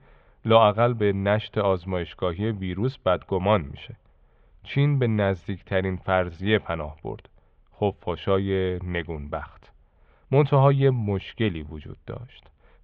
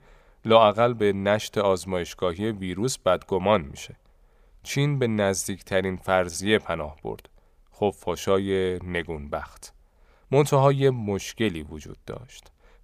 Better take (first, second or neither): second